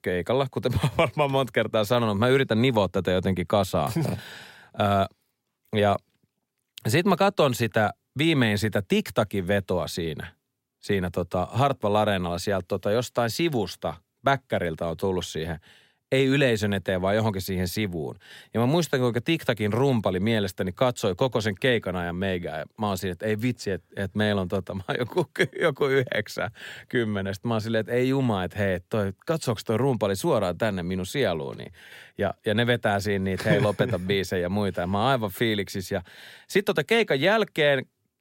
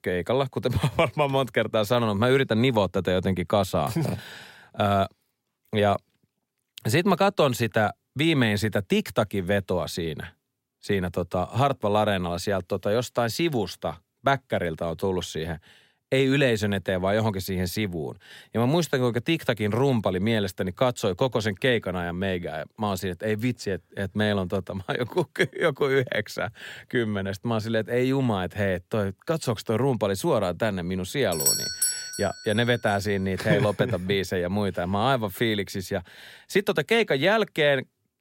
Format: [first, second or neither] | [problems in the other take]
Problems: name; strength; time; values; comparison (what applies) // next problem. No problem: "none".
first | doorbell; loud; at 31 s; peak 3 dB above the speech